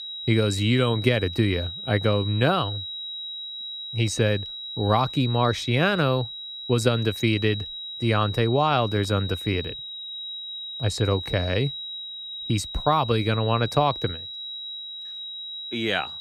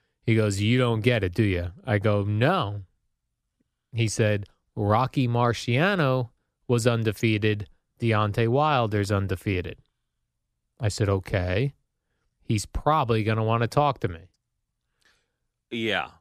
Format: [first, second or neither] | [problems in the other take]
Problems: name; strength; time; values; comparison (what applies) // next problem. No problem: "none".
second | high-pitched whine; loud; throughout; 4 kHz, 8 dB below the speech